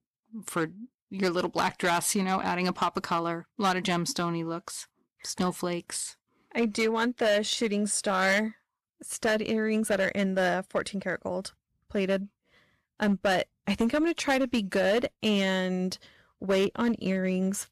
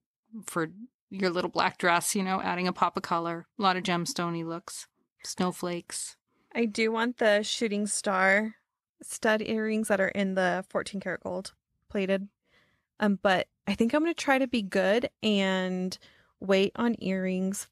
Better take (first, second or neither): second